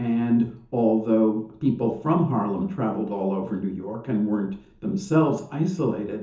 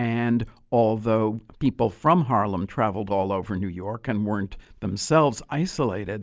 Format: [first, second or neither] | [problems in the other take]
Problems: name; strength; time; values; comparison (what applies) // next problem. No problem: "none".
second | room echo; dies away in 0.6 s